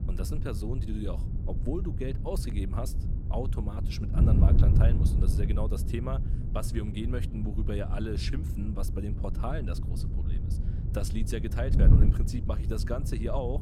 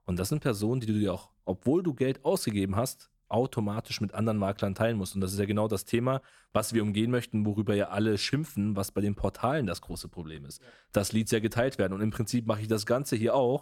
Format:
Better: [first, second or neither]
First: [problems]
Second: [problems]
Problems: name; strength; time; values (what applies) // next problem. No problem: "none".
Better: second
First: wind noise on the microphone; heavy; 4 dB below the speech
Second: none